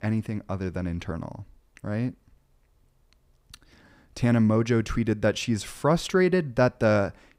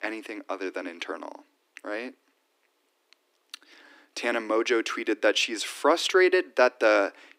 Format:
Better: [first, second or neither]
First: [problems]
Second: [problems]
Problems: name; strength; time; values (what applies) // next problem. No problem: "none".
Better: first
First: none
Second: thin; very; fading below 300 Hz